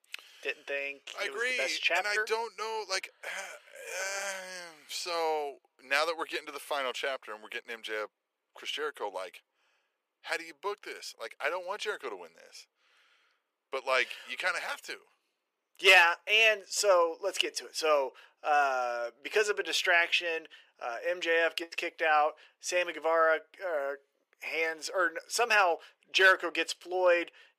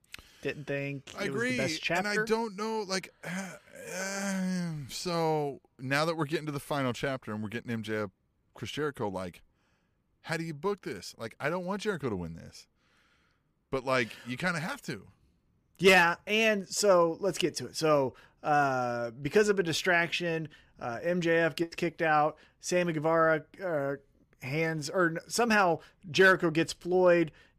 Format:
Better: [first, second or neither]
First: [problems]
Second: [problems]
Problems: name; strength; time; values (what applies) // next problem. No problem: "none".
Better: second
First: thin; very; fading below 450 Hz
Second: none